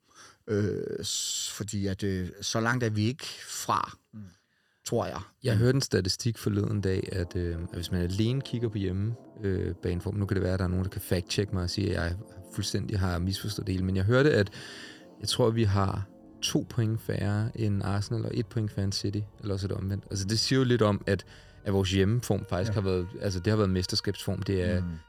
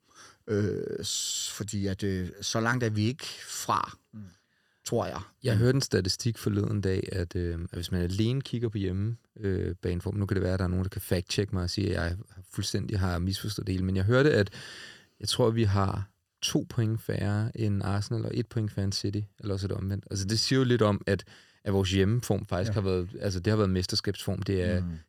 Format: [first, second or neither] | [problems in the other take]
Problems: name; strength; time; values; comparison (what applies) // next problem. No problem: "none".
second | background music; faint; from 6.5 s on; 25 dB below the speech